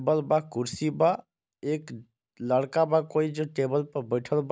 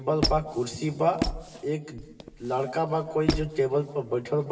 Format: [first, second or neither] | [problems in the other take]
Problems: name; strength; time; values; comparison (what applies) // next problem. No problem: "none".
first | background sound (Squeak); 6 dB below the speech // room echo; dies away in 1.4 s